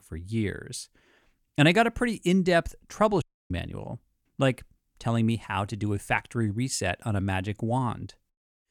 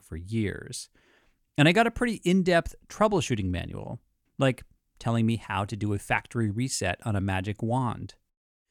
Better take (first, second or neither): second